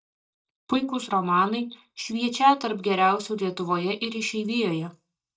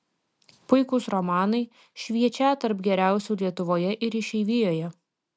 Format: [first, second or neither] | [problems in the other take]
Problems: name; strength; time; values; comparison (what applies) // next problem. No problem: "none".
second | noise reduction (neural mask model DeepFilterNet 3)